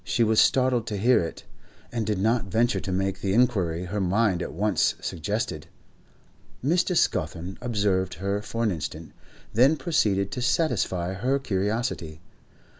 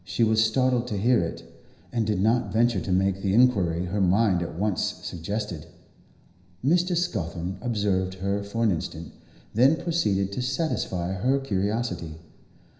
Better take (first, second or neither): first